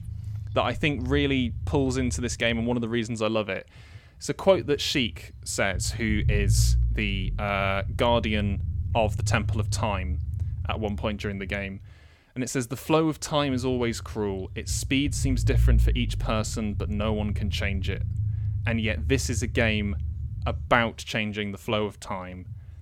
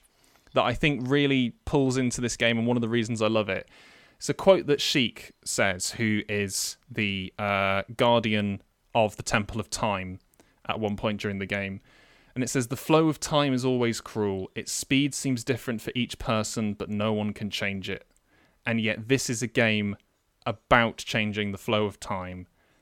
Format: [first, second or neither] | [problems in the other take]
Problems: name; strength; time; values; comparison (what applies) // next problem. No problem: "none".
second | low rumble; noticeable; throughout; 20 dB below the speech